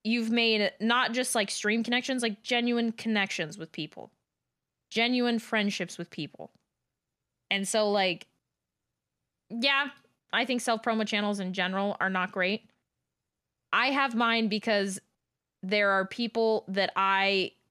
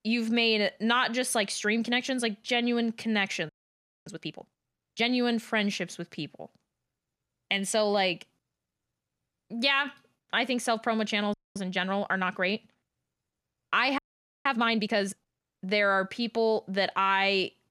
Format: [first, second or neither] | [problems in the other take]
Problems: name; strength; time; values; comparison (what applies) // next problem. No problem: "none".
first | audio freezing; at 3.5 s for 0.5 s, at 11 s and at 14 s